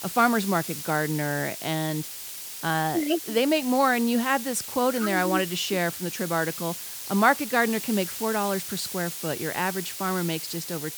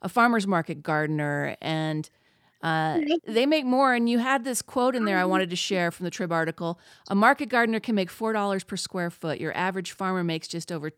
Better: second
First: hiss; loud; throughout; 7 dB below the speech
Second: none

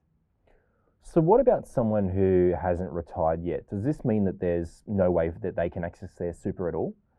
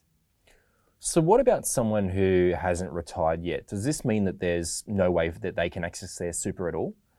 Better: second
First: muffled; very; fading above 2.5 kHz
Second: none

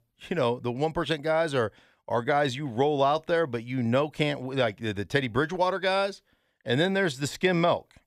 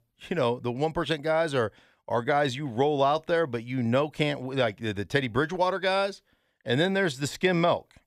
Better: neither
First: none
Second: none

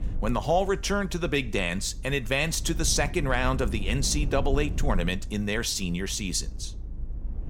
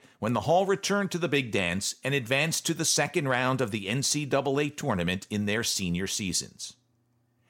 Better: second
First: low rumble; faint; throughout; 20 dB below the speech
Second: none

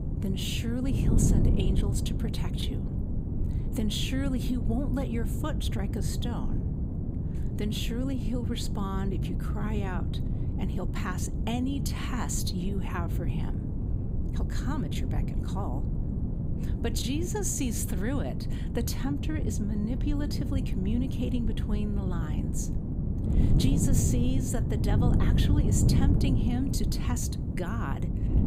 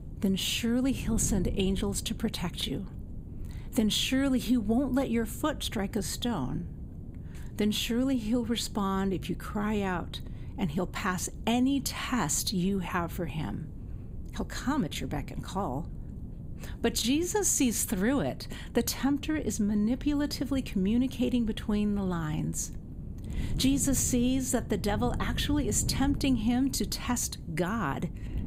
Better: second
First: wind noise on the microphone; heavy; 4 dB below the speech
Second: wind noise on the microphone; occasional gusts; 20 dB below the speech

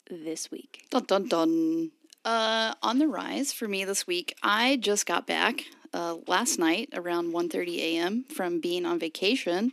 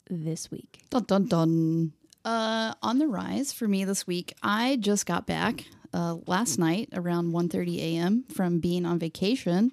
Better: second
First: thin; somewhat; fading below 250 Hz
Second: none

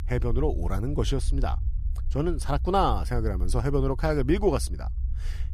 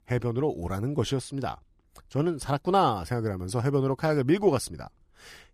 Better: second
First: low rumble; faint; throughout; 25 dB below the speech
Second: none

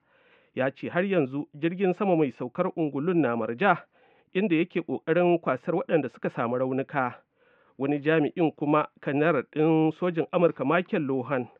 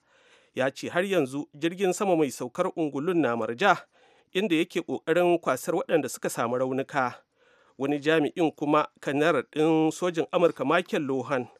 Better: second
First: muffled; very; fading above 2.5 kHz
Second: none

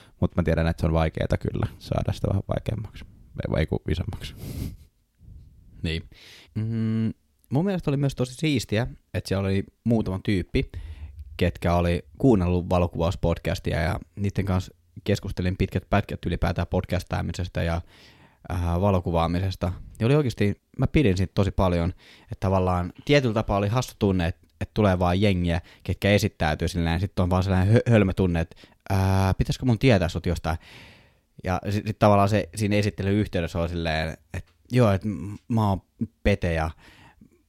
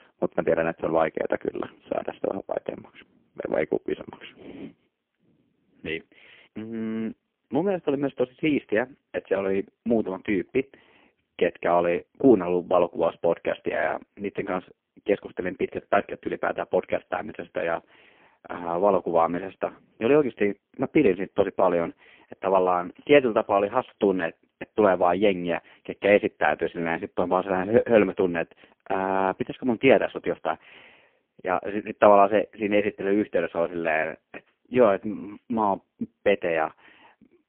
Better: first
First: none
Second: phone-call audio; poor line

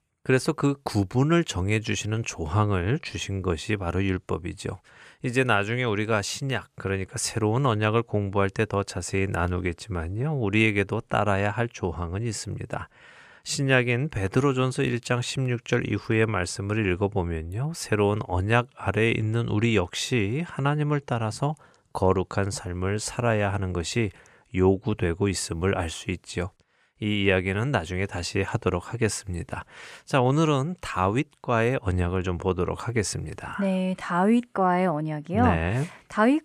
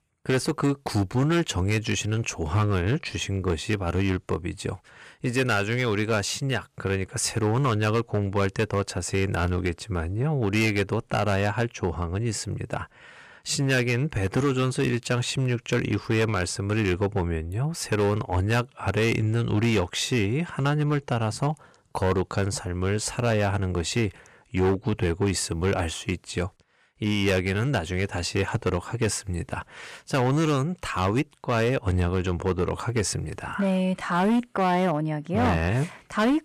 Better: first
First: none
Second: distortion; slight; 7% of the sound clipped

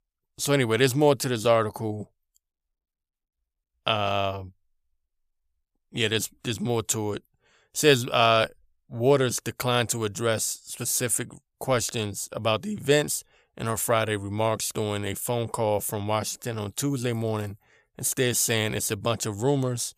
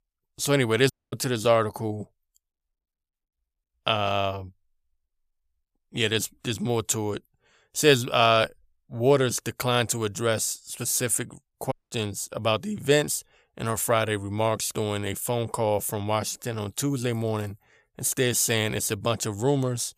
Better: first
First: none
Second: audio cutting out; at 1 s and at 12 s

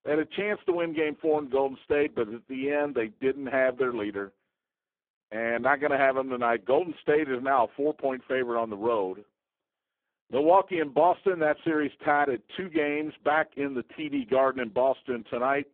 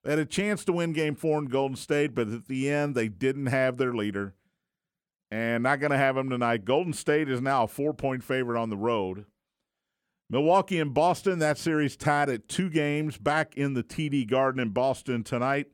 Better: second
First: phone-call audio; poor line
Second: none

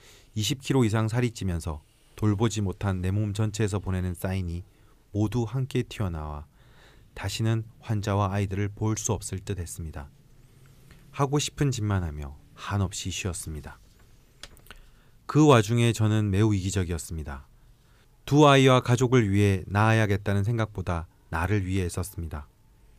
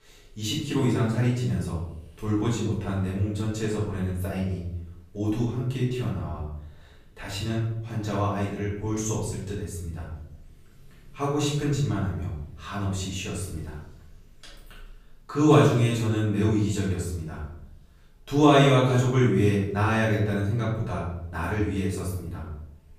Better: first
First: none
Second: off-mic speech; far // room echo; noticeable; dies away in 0.7 s

